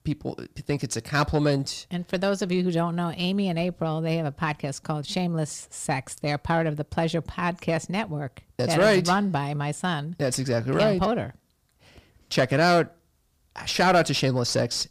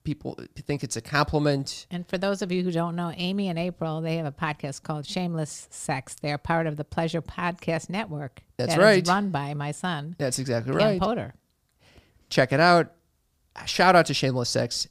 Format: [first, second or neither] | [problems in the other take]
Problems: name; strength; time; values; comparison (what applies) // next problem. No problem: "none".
second | distortion; slight; 10 dB below the speech